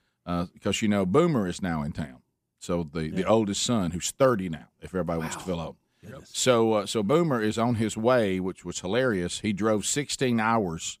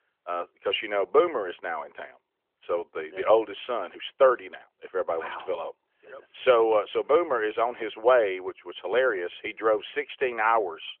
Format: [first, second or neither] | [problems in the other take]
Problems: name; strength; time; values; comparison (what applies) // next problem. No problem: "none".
first | phone-call audio; nothing above 3 kHz